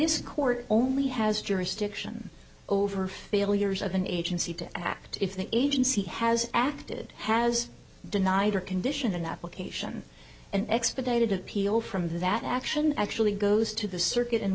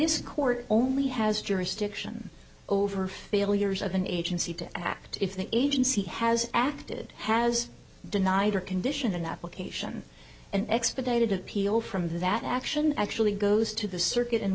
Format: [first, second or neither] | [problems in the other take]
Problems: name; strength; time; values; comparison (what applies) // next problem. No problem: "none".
second | background sound (Wood); 17 dB below the speech